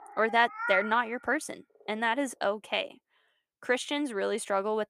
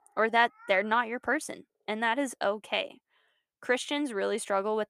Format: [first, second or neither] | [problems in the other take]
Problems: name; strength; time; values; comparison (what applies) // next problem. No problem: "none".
second | animal sounds; loud; until 2 s; 7 dB below the speech; faint in the second